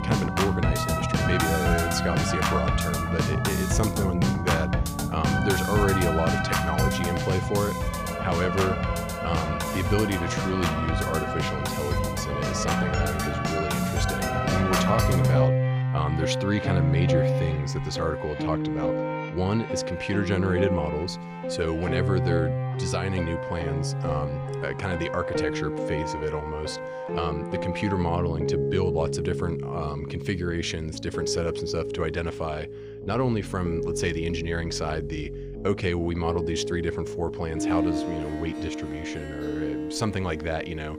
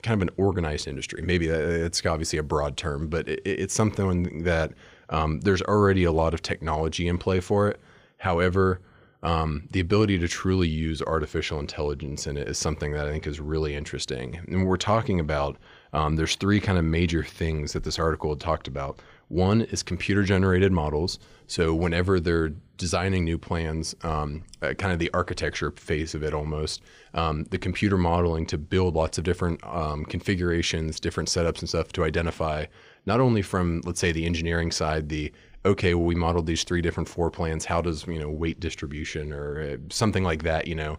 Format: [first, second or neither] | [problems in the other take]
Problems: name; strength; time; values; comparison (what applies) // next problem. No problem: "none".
second | background music; very loud; throughout; 2 dB above the speech